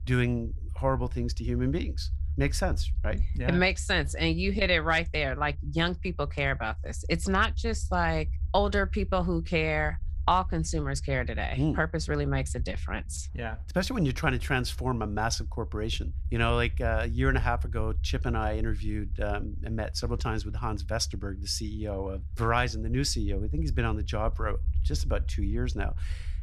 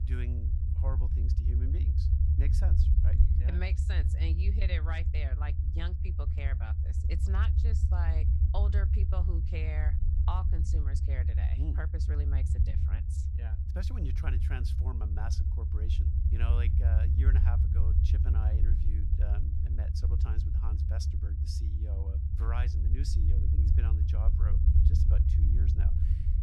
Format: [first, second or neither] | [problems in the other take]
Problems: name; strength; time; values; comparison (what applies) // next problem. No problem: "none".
first | low rumble; loud; throughout; as loud as the speech; faint in the first